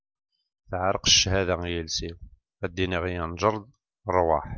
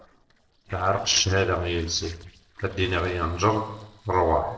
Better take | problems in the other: first | noise reduction (neural separator model SepFormer DNS4)

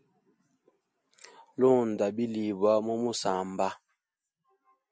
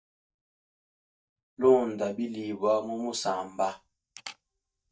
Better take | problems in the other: first | noise reduction (neural mask model DeepFilterNet 3)

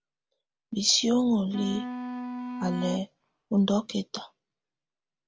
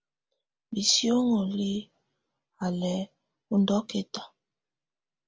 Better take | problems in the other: second | background sound (Wind instrument, woodwind instrument); 8 dB below the speech

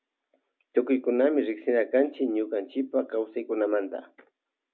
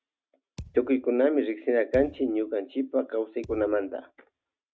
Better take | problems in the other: first | noise reduction (neural mask model RNNoise)

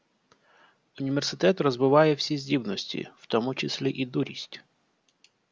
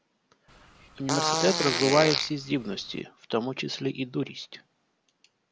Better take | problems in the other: first | background sound (Fart); 1 dB below the speech

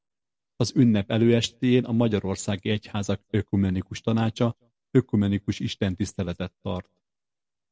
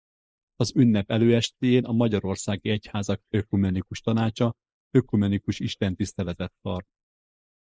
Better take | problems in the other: first | noise reduction (neural mask model Resemble Enhance denoiser)

